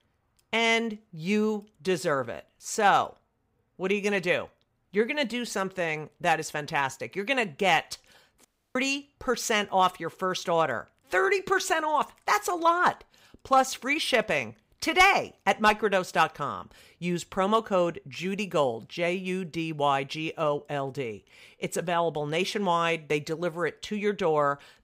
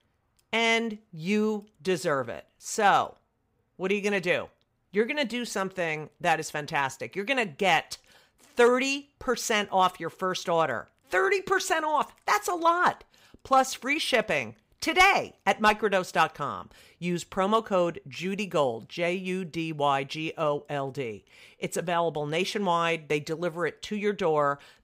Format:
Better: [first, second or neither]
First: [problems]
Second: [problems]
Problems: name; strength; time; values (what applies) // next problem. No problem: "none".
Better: second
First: audio cutting out; at 8.5 s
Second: none